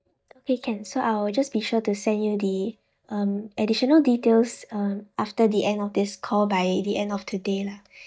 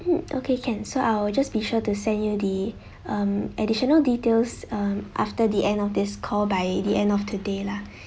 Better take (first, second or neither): second